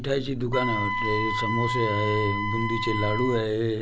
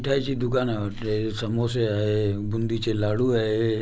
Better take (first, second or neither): second